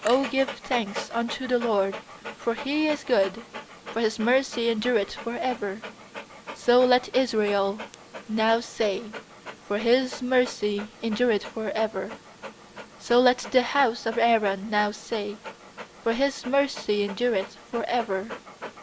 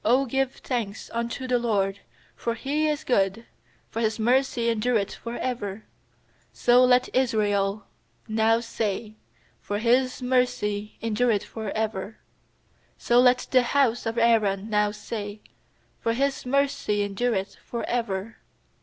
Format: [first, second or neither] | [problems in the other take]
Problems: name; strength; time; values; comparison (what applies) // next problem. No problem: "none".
second | background sound (Dog); 15 dB below the speech